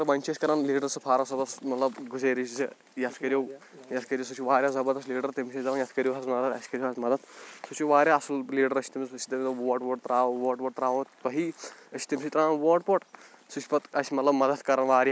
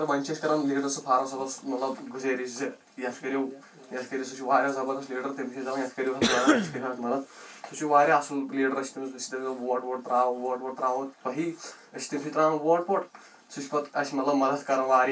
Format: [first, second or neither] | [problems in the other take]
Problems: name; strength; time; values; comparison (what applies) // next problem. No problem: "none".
first | background sound (Cough); 1 dB above the speech // room echo; dies away in 0.2 s